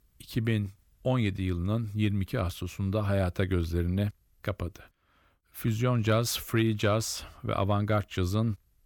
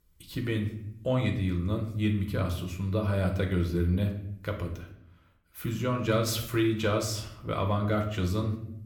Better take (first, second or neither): first